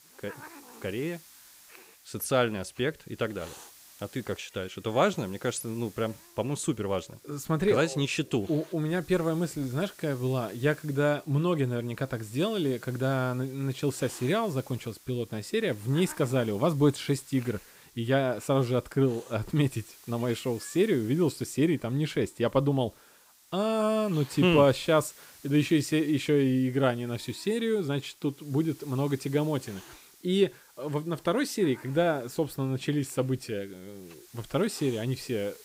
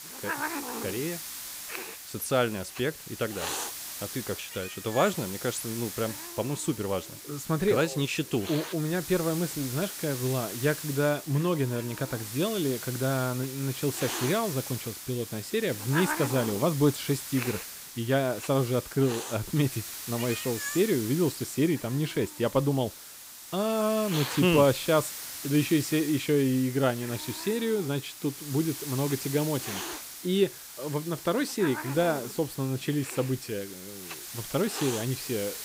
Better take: first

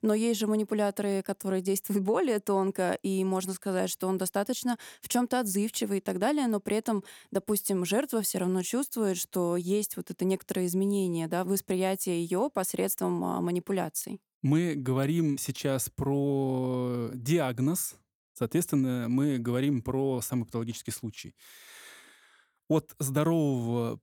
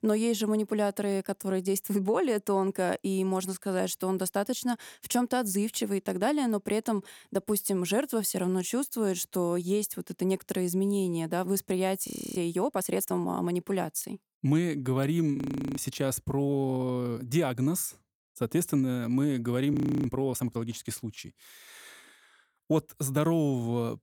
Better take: first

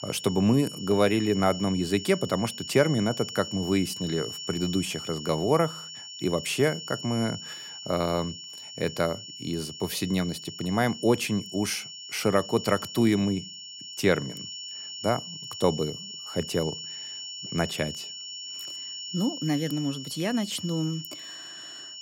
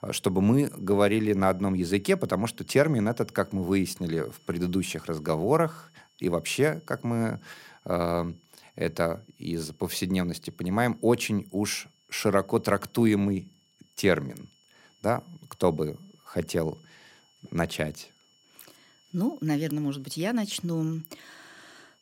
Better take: second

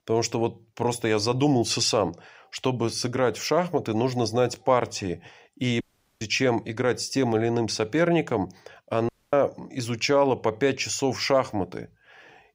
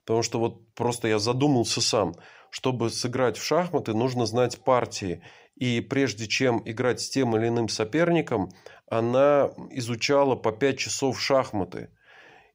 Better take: second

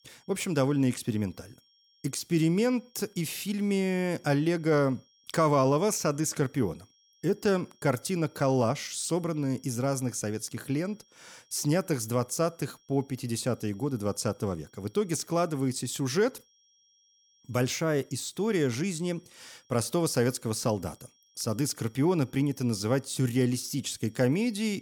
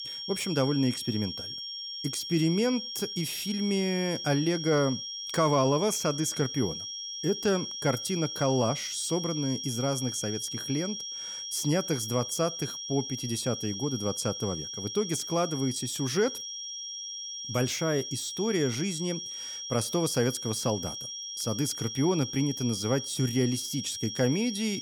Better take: first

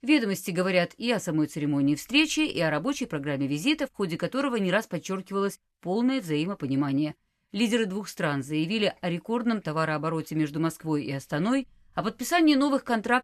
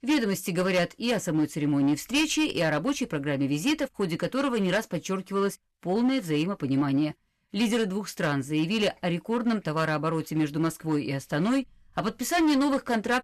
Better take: first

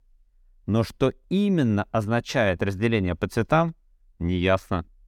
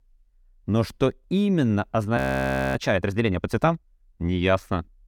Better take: first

